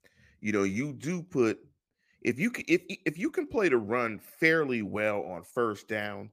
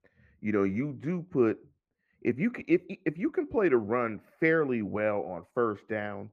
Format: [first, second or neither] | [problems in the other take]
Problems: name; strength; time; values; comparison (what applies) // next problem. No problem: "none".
first | muffled; very; fading above 3.5 kHz